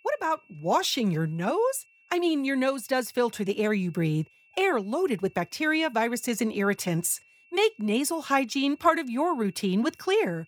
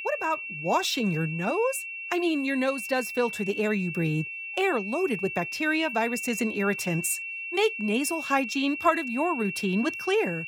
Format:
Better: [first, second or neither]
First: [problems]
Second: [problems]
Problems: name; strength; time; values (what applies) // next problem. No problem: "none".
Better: first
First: high-pitched whine; faint; throughout; 2.5 kHz, 30 dB below the speech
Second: high-pitched whine; loud; throughout; 2.5 kHz, 6 dB below the speech